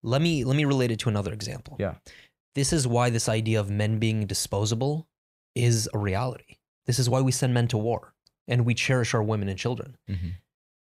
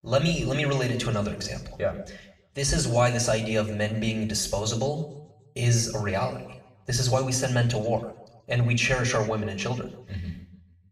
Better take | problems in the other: first | room echo; slight; dies away in 0.7 s // off-mic speech; somewhat distant

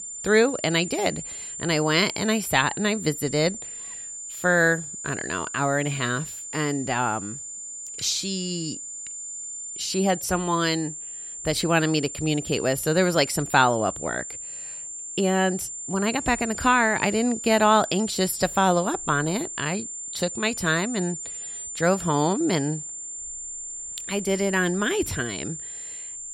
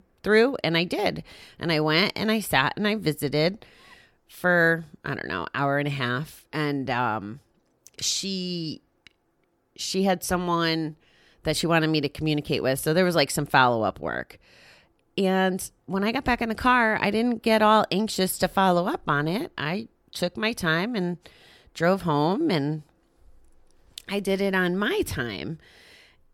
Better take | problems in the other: second | high-pitched whine; loud; throughout; 7 kHz, 9 dB below the speech

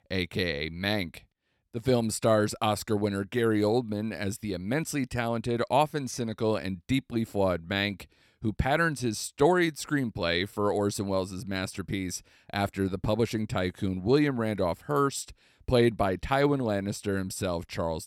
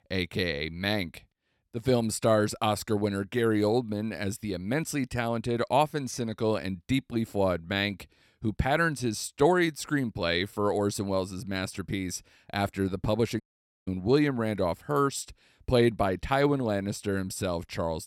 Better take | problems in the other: first | audio cutting out; at 13 s

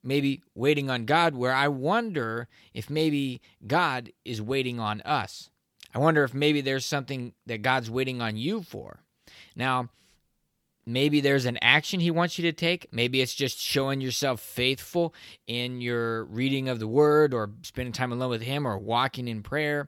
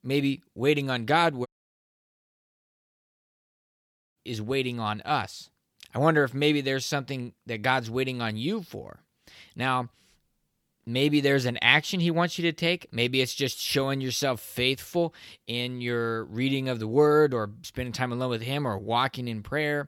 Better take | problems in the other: first | audio cutting out; at 1.5 s for 2.5 s

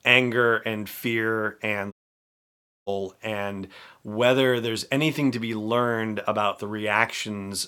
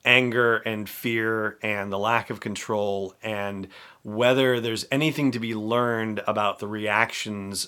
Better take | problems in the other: second | audio cutting out; at 2 s for 1 s

